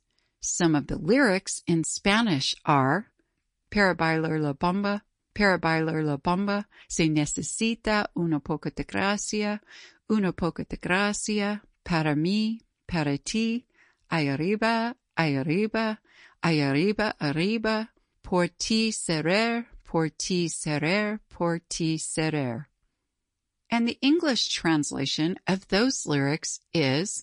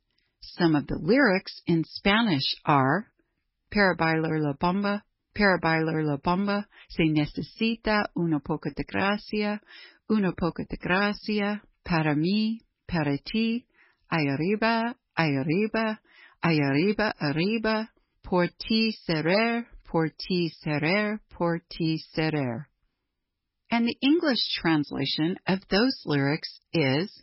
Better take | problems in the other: first | garbled, watery; badly; nothing above 5.5 kHz; slightly in the first

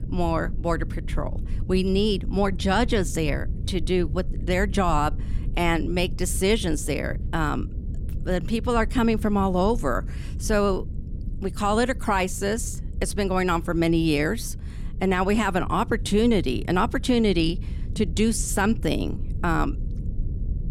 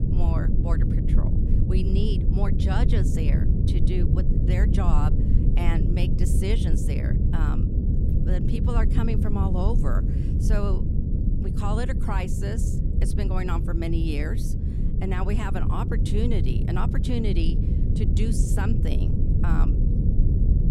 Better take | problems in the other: first | low rumble; loud; throughout; 2 dB below the speech; faint in the first

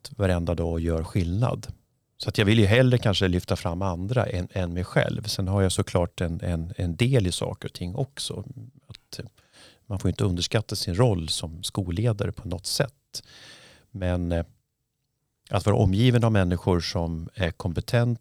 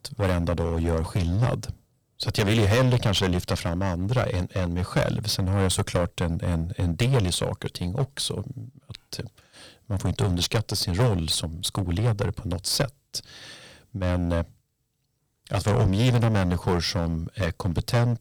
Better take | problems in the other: first | distortion; heavy; 9% of the sound clipped

